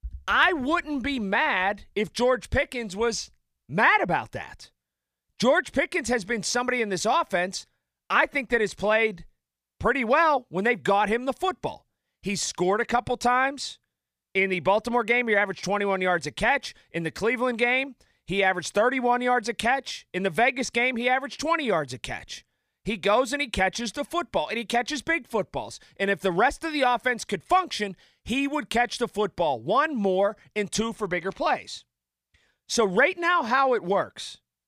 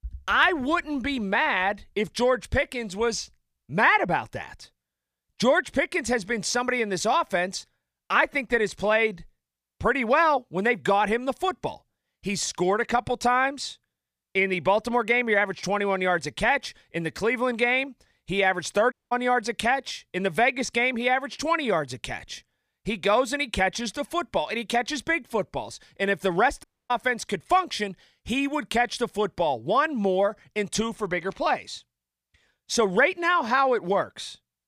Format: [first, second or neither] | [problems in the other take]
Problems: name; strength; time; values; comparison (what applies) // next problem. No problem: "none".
first | audio cutting out; at 19 s and at 27 s